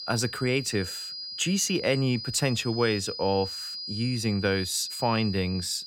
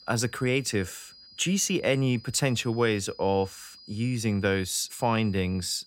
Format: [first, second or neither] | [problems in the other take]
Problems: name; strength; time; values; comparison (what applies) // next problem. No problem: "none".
second | high-pitched whine; loud; throughout; 5 kHz, 8 dB below the speech; faint in the second